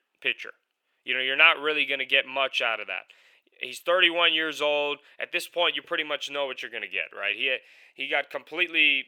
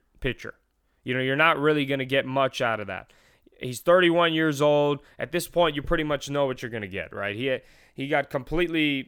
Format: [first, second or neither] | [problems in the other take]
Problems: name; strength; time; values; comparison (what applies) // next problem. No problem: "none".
second | thin; somewhat; fading below 500 Hz